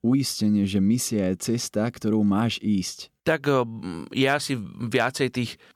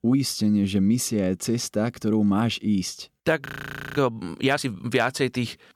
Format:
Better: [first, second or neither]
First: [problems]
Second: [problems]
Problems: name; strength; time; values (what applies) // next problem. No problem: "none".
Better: first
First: none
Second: audio freezing; at 3.5 s for 0.5 s